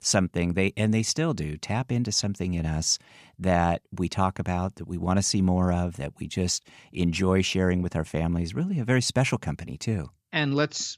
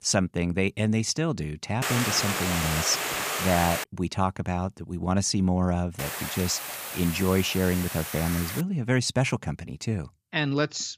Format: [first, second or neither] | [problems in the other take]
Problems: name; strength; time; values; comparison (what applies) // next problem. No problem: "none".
first | hiss; loud; from 2 to 4 s and from 6 to 8.5 s; 3 dB below the speech